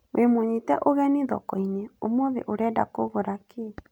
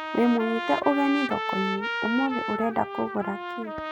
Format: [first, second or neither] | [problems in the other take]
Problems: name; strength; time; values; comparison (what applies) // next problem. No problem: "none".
first | background sound (Trumpet); 5 dB below the speech